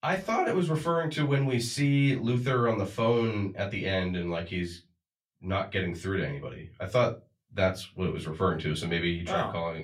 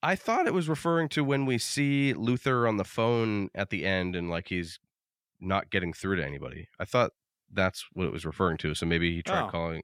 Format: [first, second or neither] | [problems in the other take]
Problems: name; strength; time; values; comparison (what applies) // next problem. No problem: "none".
second | off-mic speech; far // room echo; very slight; dies away in 0.2 s